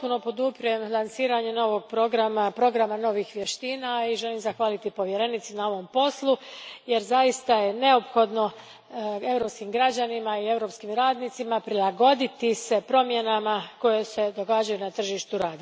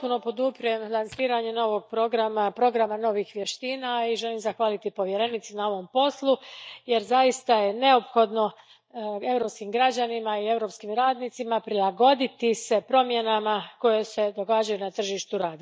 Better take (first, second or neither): first